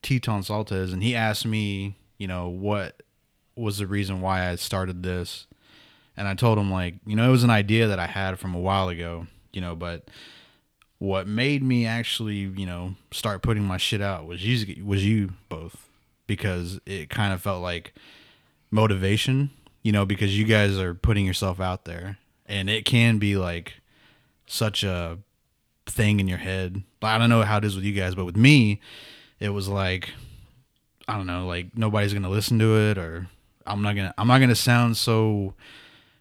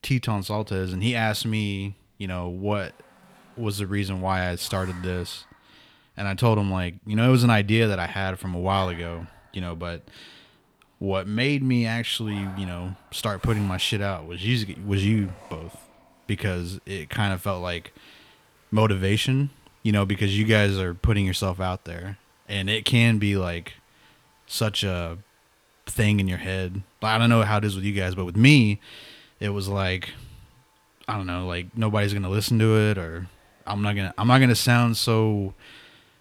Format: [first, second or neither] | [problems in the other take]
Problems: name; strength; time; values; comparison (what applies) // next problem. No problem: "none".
first | household noises; faint; throughout; 30 dB below the speech